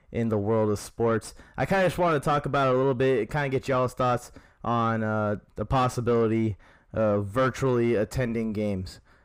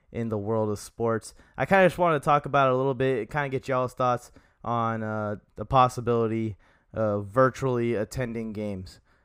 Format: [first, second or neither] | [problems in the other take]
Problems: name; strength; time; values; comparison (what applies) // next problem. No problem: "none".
second | distortion; heavy; 7 dB below the speech